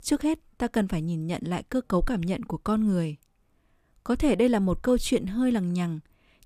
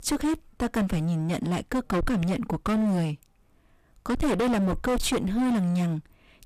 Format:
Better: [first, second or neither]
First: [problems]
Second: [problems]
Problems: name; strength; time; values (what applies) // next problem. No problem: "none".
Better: first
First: none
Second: distortion; heavy; 24% of the sound clipped